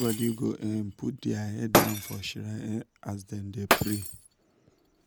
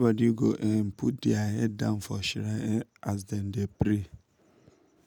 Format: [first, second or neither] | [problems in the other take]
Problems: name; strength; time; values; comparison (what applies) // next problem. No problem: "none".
second | background sound (Shatter); 1 dB above the speech